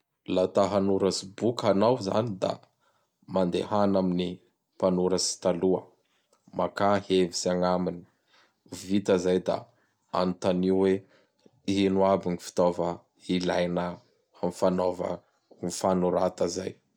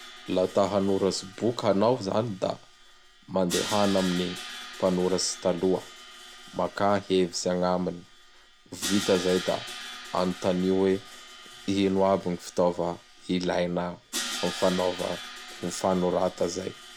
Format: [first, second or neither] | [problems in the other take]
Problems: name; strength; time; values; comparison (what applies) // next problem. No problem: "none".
first | background sound (Crash cymbal); 13 dB below the speech